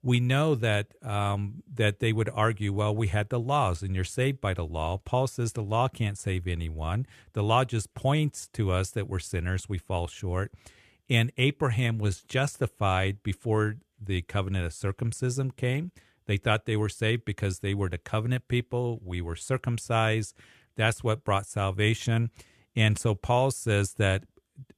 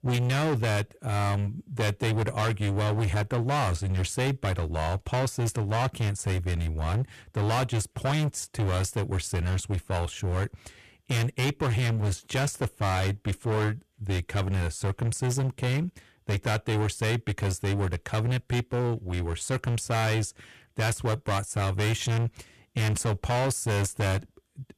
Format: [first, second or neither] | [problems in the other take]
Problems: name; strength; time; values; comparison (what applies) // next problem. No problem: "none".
first | distortion; heavy; 25% of the sound clipped